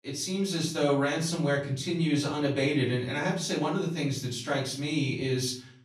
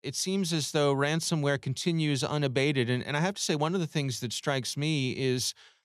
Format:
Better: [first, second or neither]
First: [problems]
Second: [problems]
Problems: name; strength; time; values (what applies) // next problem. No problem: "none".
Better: second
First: room echo; slight; dies away in 0.4 s // off-mic speech; far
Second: none